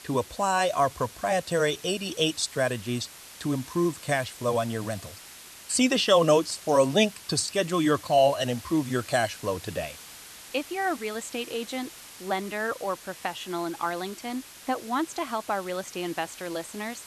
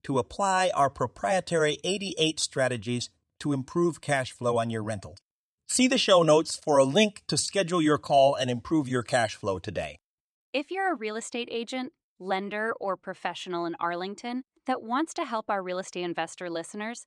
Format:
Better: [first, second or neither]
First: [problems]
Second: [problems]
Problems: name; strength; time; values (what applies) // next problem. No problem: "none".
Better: second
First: hiss; noticeable; throughout; 15 dB below the speech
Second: none